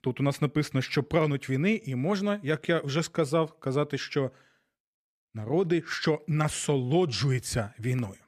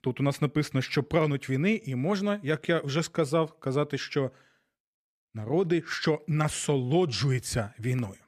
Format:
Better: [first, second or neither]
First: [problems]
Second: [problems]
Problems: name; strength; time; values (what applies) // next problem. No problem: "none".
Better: neither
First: none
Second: none